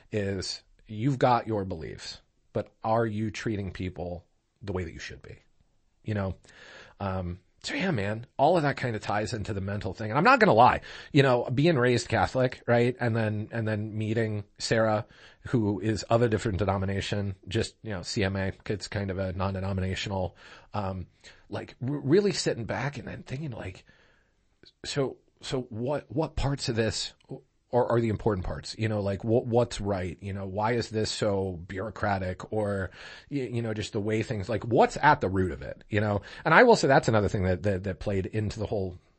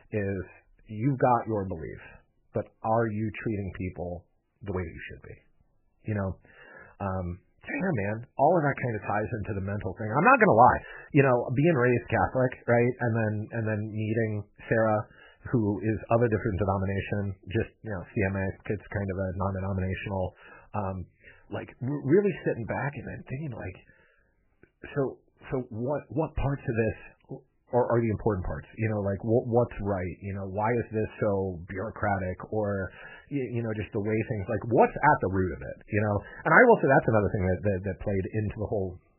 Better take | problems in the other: first | garbled, watery; badly; nothing above 2.5 kHz; slightly in the first

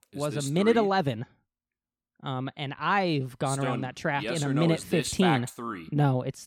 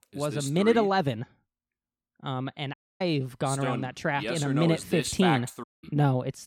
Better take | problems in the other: first | audio cutting out; at 2.5 s and at 5.5 s

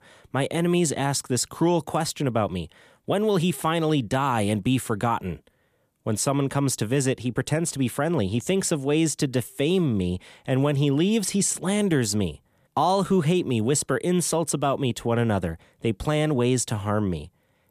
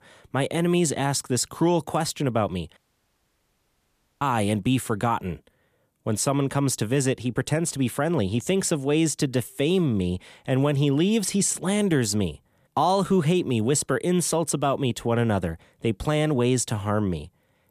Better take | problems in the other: first | audio cutting out; at 3 s for 1.5 s

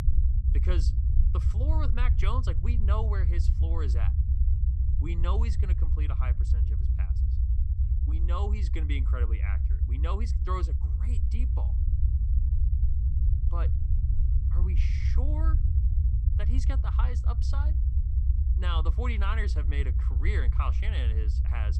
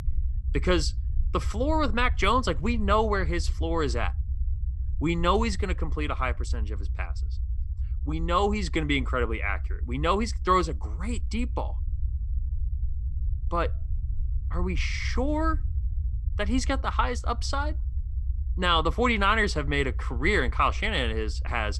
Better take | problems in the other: second | low rumble; loud; throughout; 6 dB below the speech; faint in the second

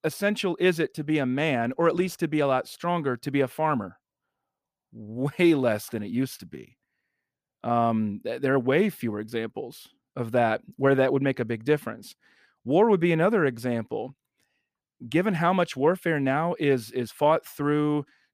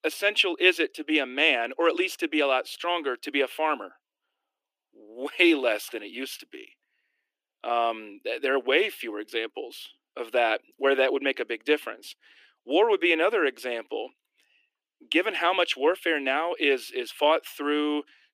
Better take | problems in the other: first | thin; somewhat; fading below 300 Hz

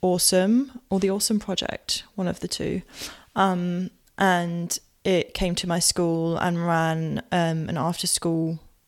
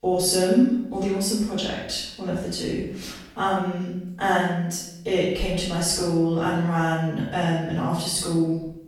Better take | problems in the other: first | off-mic speech; far // room echo; noticeable; dies away in 0.7 s

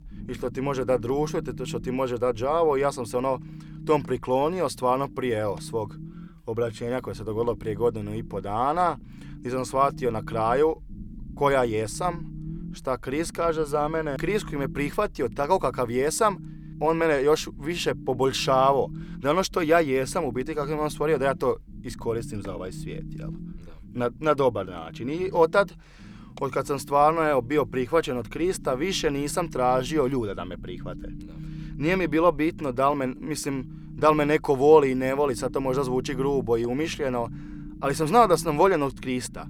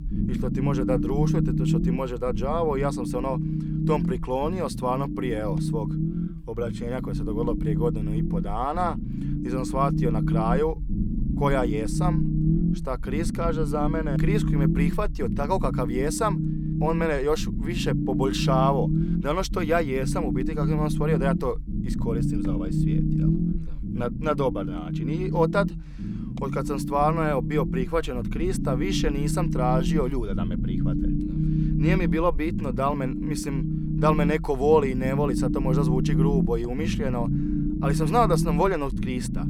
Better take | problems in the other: first | low rumble; loud; throughout; 7 dB below the speech; faint in the first

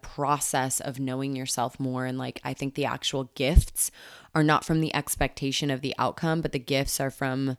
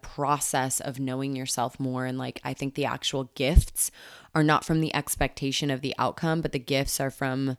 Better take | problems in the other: neither | none

